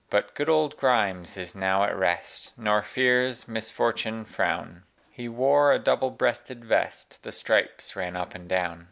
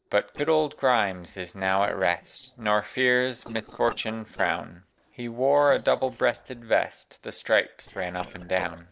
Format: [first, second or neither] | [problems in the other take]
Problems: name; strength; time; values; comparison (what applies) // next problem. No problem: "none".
first | noise reduction (neural separator model SepFormer DNS4)